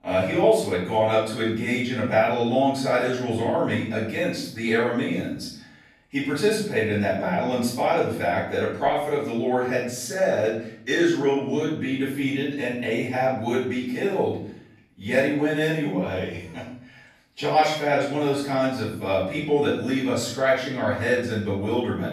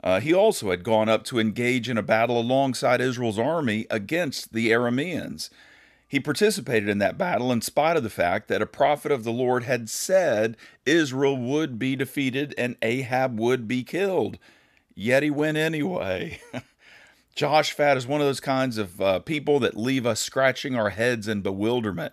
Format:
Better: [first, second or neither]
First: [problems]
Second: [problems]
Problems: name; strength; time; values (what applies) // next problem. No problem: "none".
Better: second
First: off-mic speech; far // room echo; noticeable; dies away in 0.6 s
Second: none